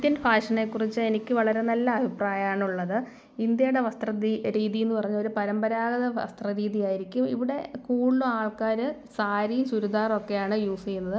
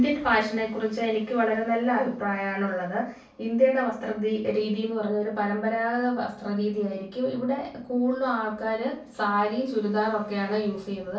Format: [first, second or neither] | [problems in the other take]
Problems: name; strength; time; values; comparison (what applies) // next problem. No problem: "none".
first | room echo; dies away in 0.3 s